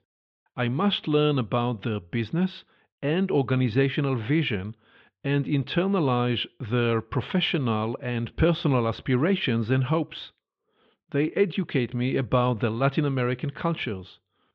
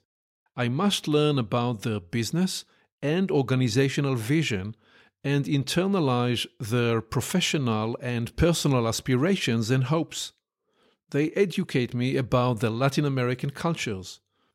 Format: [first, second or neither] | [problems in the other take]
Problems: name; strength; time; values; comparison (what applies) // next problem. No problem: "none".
second | muffled; very; fading above 3.5 kHz